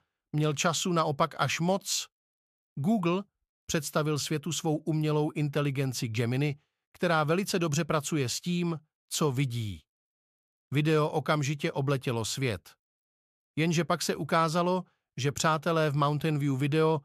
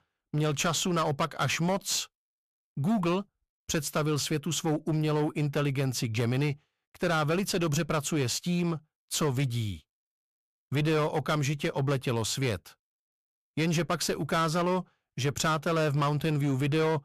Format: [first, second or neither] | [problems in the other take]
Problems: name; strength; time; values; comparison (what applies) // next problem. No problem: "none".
first | distortion; slight; 13% of the sound clipped